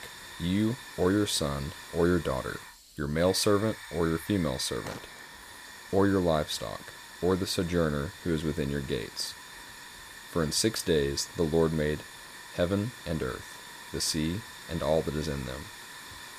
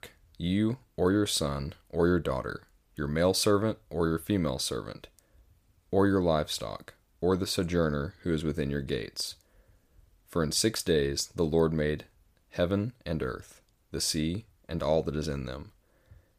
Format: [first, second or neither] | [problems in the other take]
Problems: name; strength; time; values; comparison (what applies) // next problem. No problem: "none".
second | hiss; noticeable; throughout; 15 dB below the speech